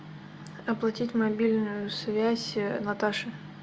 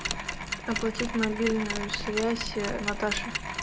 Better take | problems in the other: first | background sound (Mechanisms); 3 dB below the speech

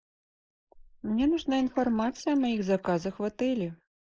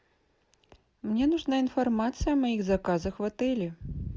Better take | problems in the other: second | noise reduction (neural mask model Resemble Enhance denoiser)

